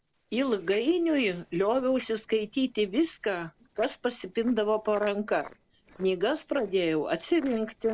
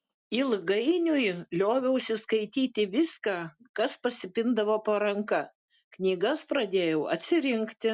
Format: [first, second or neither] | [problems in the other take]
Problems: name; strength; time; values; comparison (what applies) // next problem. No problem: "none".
second | noise reduction (neural separator model SepFormer DNS4)